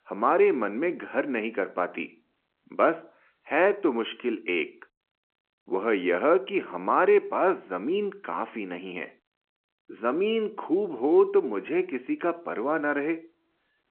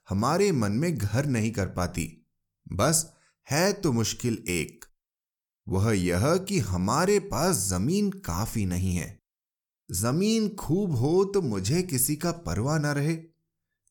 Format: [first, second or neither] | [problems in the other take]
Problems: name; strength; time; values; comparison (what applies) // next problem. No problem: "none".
second | phone-call audio